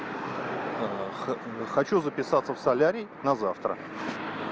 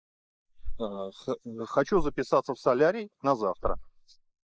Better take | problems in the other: first | noise reduction (neural mask model Resemble Enhance denoiser)

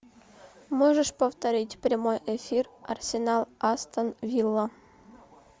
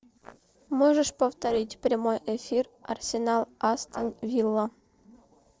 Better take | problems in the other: first | noise reduction (neural separator model SepFormer DNS4)

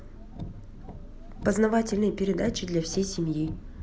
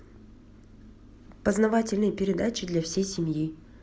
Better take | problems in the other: second | background sound (Car); 11 dB below the speech

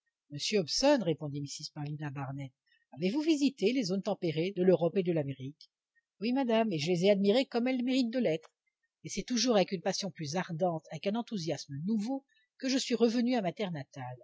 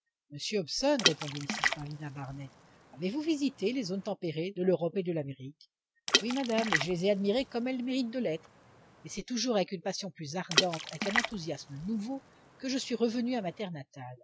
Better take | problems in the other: first | background sound (Water / Splash, splatter); 3 dB below the speech

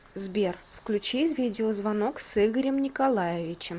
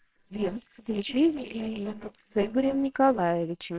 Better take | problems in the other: first | noise reduction (neural separator model SepFormer WHAMR!)

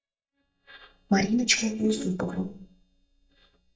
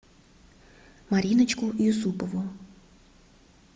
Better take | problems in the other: second | noise reduction (neural mask model DeepFilterNet 3)

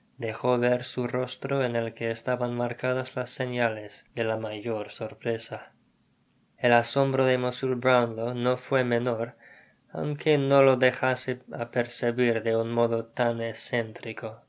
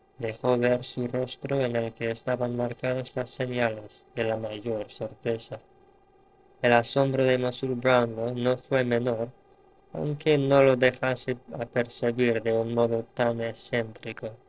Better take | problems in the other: first | noise reduction (neural separator model SepFormer DNS4)

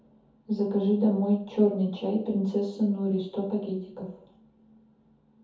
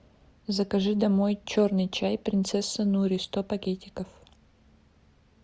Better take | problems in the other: second | room echo; dies away in 0.5 s

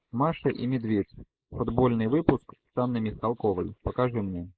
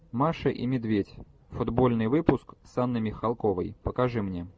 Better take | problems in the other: second | noise reduction (neural mask model Resemble Enhance denoiser)

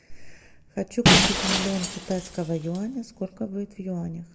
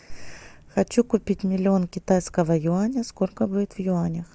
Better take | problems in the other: second | background sound (Shatter); 5 dB above the speech // room echo; dies away in 1 s

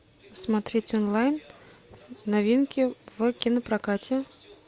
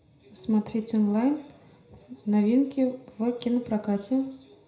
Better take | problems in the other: first | room echo; dies away in 0.5 s

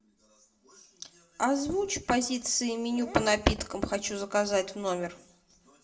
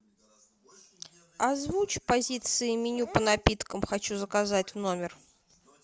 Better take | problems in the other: second | room echo; dies away in 0.4 s

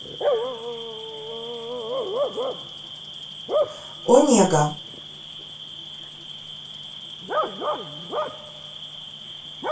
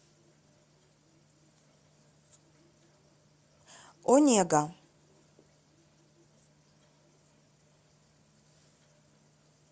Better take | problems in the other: second | background sound (Bark / Cricket); 3 dB below the speech // room echo; dies away in 0.2 s

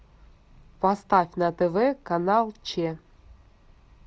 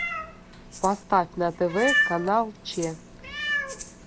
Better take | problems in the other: first | background sound (Rattle (instrument) + Meow); 3 dB below the speech

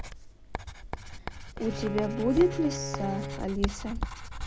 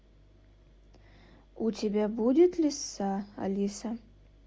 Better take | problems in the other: second | background sound (Bowed string instrument + Writing); 4 dB below the speech

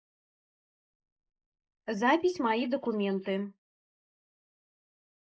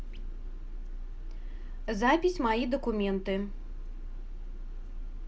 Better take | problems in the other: second | noise reduction (neural mask model Resemble Enhance denoiser)

